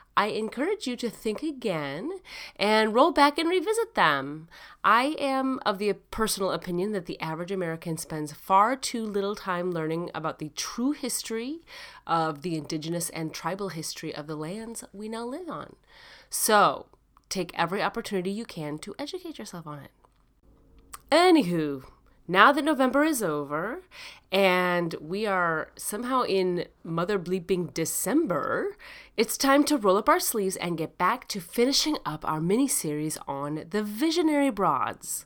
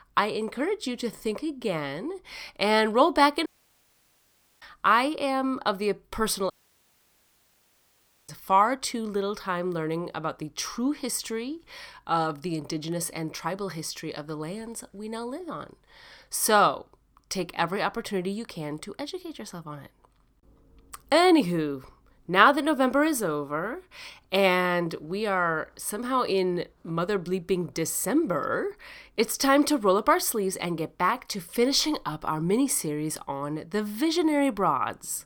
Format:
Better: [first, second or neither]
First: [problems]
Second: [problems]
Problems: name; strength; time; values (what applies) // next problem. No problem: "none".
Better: first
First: none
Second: audio cutting out; at 3.5 s for 1 s and at 6.5 s for 2 s